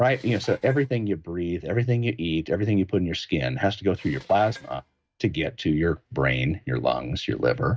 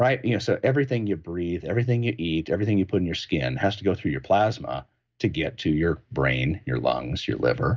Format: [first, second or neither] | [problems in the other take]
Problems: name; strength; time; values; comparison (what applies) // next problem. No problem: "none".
second | noise reduction (neural mask model RNNoise)